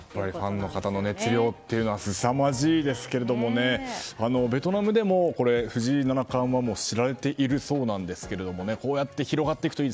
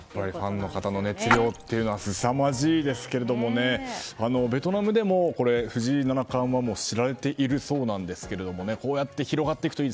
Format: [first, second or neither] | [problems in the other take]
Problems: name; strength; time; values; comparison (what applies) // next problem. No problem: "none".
first | background sound (Splash, splatter); 4 dB below the speech